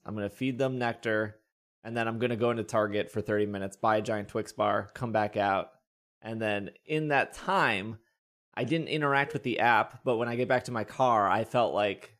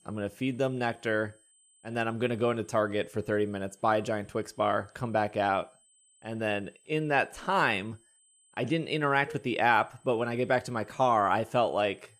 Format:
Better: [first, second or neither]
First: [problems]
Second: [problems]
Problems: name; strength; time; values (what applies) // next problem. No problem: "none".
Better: first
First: none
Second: high-pitched whine; faint; throughout; 8 kHz, 30 dB below the speech